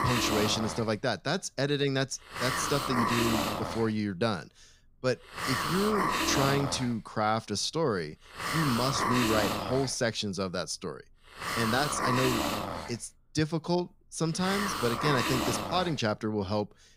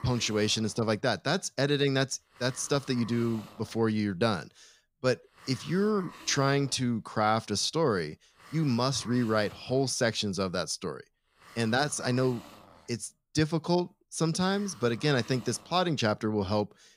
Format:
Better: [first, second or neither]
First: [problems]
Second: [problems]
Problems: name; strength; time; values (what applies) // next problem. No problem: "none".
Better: second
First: hiss; loud; throughout; as loud as the speech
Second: hiss; faint; throughout; 20 dB below the speech